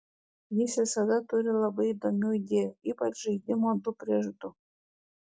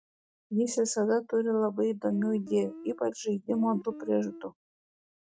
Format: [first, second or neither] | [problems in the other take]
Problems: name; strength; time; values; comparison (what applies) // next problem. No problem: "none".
first | noise reduction (neural mask model RNNoise)